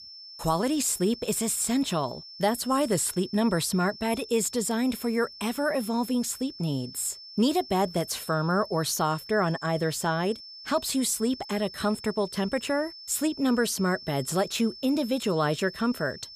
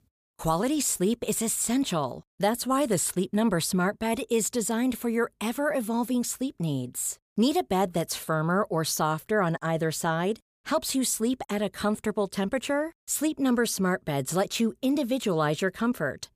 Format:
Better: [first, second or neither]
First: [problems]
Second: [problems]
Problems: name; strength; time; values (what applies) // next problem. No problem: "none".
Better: second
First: high-pitched whine; noticeable; throughout; 5.5 kHz, 15 dB below the speech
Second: none